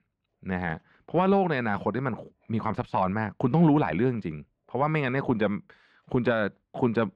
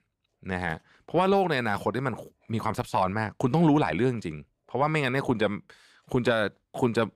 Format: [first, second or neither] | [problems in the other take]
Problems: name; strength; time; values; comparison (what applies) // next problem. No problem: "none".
second | muffled; slightly; fading above 2.5 kHz